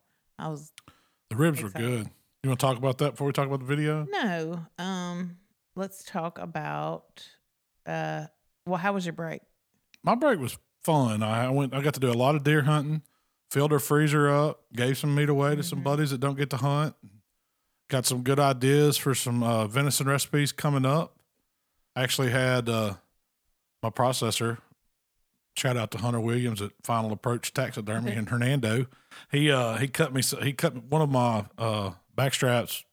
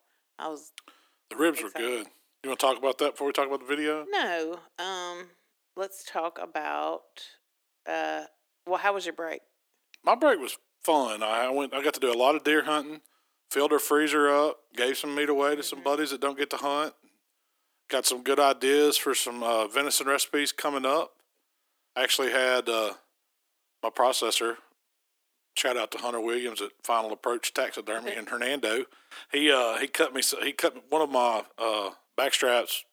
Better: first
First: none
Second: thin; somewhat; fading below 300 Hz

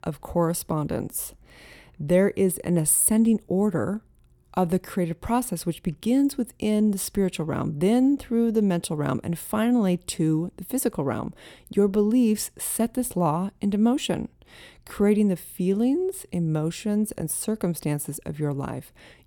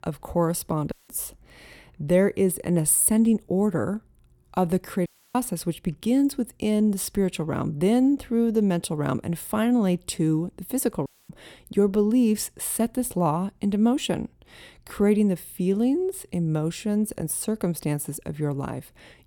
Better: first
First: none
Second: audio cutting out; at 1 s, at 5 s and at 11 s

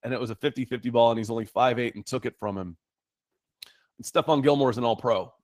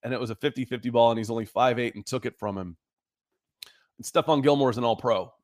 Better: second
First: garbled, watery; slightly; nothing above 15 kHz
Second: none

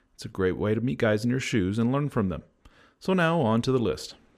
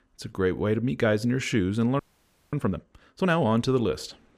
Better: first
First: none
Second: audio freezing; at 2 s for 0.5 s

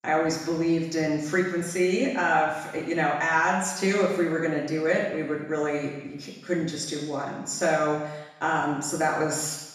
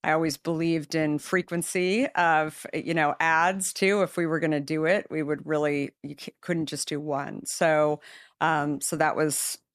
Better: second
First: room echo; noticeable; dies away in 1 s // off-mic speech; far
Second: none

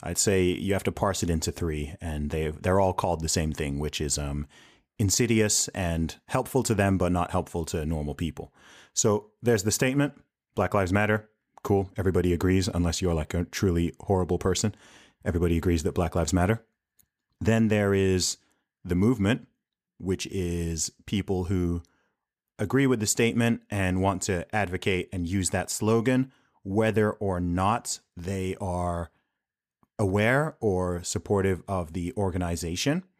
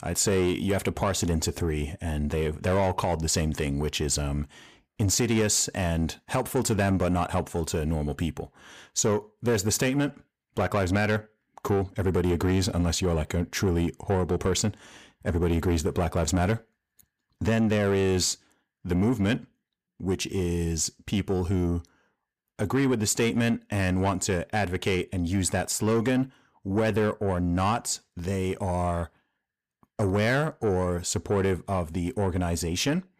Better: first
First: none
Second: distortion; slight; 10 dB below the speech

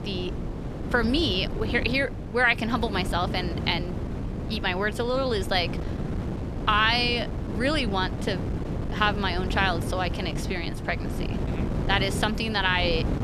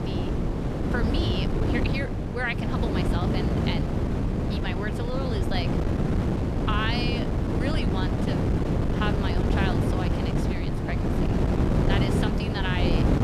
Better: first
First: wind noise on the microphone; occasional gusts; 10 dB below the speech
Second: wind noise on the microphone; heavy; 1 dB above the speech

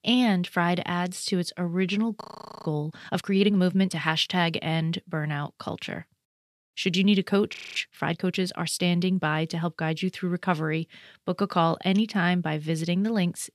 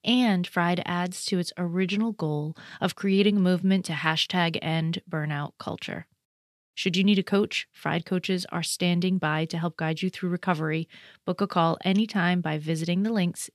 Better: second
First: audio freezing; at 2 s and at 7.5 s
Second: none

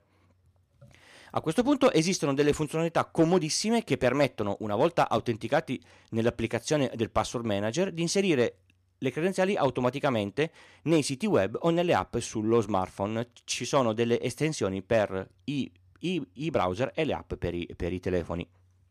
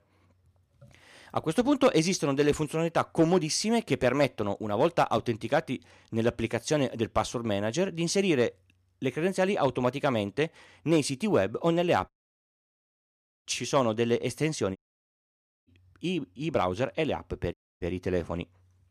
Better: first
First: none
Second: audio cutting out; at 12 s for 1.5 s, at 15 s for 1 s and at 18 s

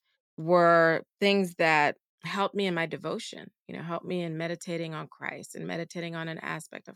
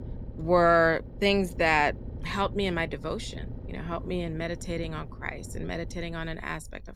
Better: first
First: none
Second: low rumble; faint; throughout; 25 dB below the speech

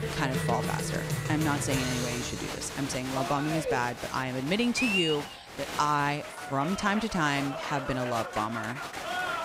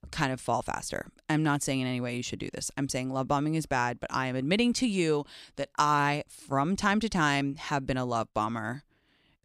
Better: second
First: crowd noise; loud; throughout; 3 dB below the speech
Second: none

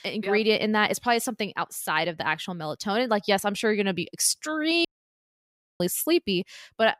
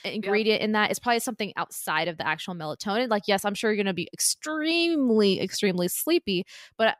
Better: second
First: audio cutting out; at 5 s for 1 s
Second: none

